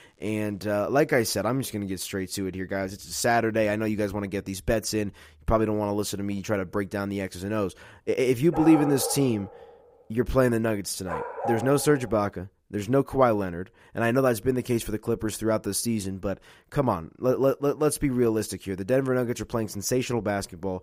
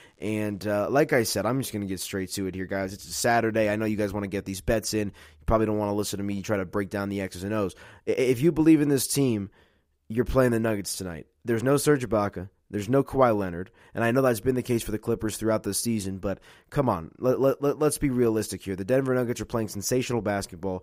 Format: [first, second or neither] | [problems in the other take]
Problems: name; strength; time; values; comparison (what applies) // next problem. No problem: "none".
second | dog barking; noticeable; from 8.5 to 12 s; peak 4 dB below the speech